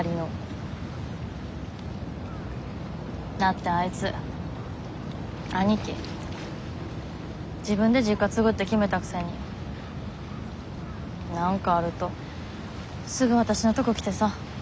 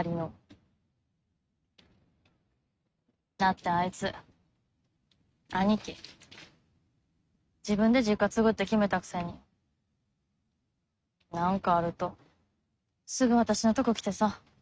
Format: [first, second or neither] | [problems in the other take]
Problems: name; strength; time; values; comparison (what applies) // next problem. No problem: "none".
first | noise reduction (neural mask model RNNoise)